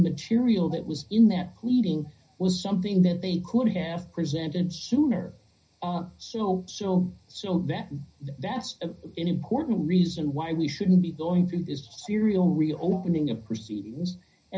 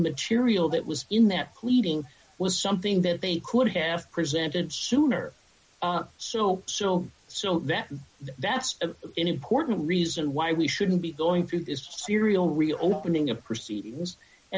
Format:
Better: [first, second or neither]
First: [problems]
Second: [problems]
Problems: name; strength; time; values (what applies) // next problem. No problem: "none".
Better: second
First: room echo; dies away in 0.4 s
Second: none